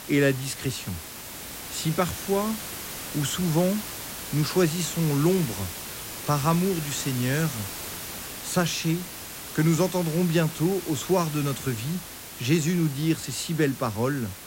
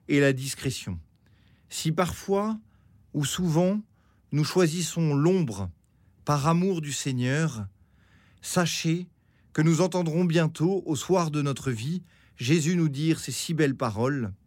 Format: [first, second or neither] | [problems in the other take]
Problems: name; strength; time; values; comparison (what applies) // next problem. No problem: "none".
second | hiss; loud; throughout; 9 dB below the speech